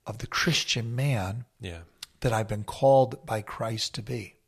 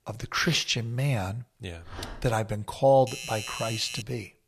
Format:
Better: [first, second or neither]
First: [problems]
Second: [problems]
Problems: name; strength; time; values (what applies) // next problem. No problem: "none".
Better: first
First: none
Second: dog barking; faint; at 2 s; peak 15 dB below the speech // doorbell; noticeable; from 3 s on; peak 7 dB below the speech